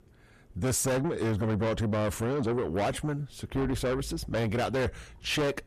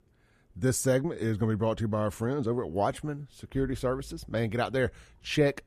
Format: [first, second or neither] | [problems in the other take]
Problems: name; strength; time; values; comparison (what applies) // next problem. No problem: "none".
second | distortion; heavy; 6 dB below the speech